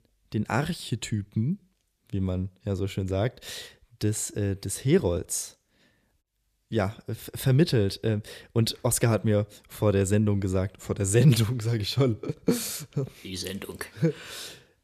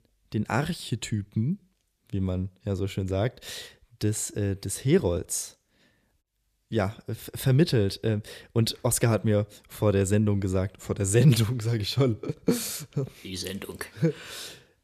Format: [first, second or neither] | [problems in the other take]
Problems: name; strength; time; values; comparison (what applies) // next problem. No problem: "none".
neither | none